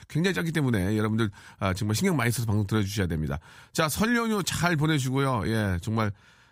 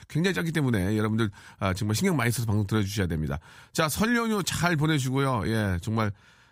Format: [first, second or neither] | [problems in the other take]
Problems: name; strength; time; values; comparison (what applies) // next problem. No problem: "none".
neither | none